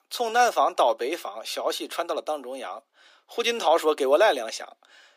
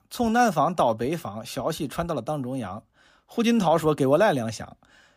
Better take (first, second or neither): second